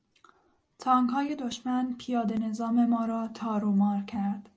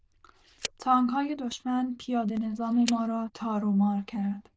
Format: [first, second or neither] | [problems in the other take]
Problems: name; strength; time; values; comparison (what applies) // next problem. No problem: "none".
first | noise reduction (neural diffusion model UNIVERSE++)